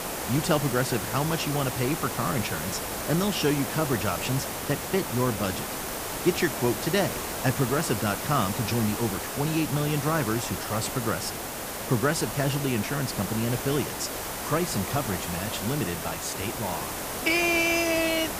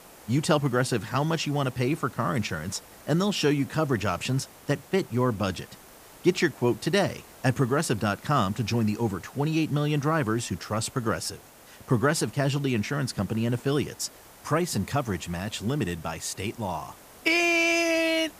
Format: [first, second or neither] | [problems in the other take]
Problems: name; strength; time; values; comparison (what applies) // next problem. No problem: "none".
second | hiss; loud; throughout; 4 dB below the speech; faint in the second